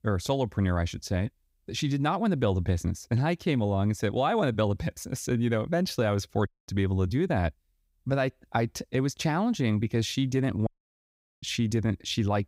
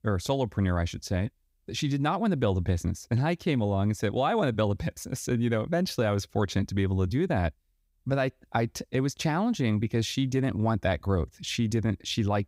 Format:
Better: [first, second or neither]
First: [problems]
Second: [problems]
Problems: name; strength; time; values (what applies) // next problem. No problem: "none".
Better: second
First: audio cutting out; at 6.5 s and at 11 s for 1 s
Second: none